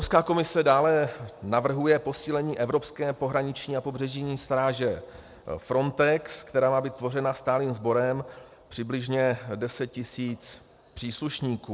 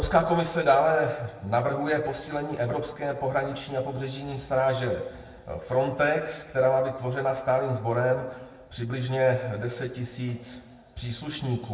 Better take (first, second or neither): first